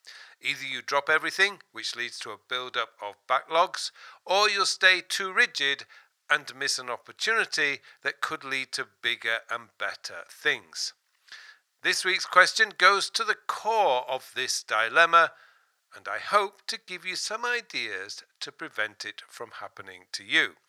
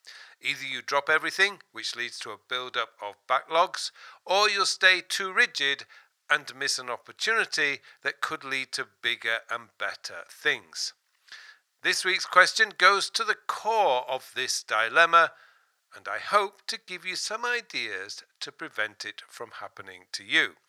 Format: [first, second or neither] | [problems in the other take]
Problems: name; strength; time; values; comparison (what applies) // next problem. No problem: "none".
neither | thin; very; fading below 750 Hz; the same in both